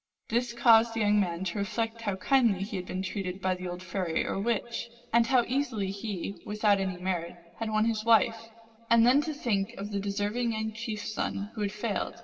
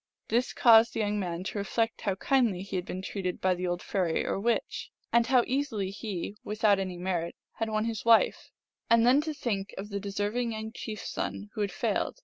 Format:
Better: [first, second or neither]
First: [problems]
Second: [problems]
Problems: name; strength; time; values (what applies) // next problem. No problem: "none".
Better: second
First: room echo; dies away in 1.7 s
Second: none